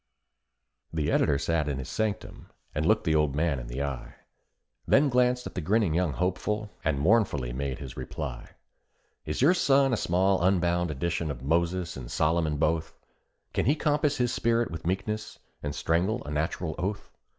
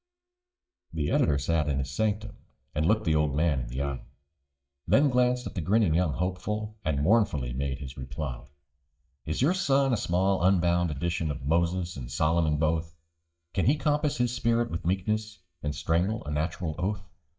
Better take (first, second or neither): first